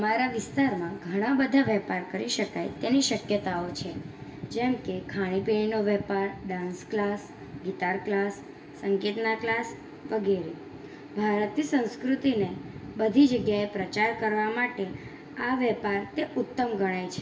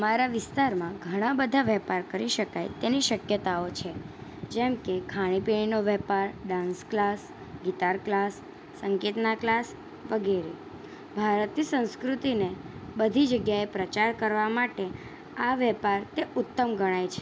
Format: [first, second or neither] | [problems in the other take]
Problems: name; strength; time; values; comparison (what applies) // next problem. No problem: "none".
second | room echo; dies away in 0.6 s